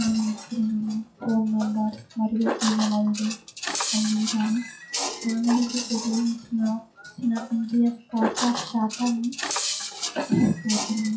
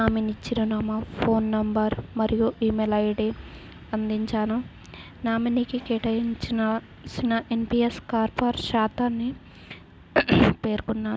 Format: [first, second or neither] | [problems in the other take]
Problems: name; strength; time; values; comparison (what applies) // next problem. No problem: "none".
second | noise reduction (classical method WPE with log-MMSE)